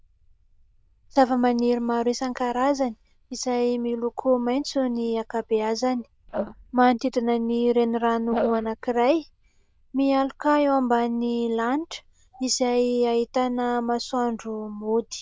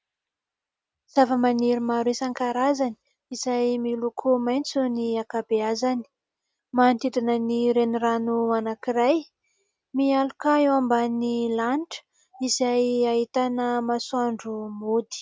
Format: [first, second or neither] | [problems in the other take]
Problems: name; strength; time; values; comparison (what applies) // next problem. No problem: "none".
second | noise reduction (neural diffusion model UNIVERSE++)